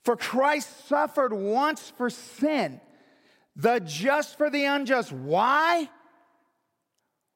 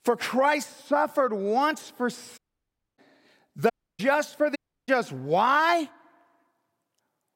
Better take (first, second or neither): first